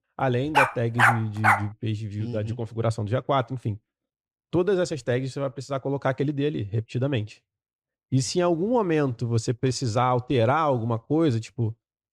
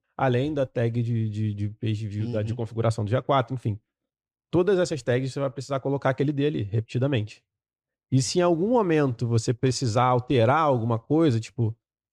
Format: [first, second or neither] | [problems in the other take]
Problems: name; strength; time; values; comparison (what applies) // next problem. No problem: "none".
second | dog barking; loud; from 0.5 to 1.5 s; peak 5 dB above the speech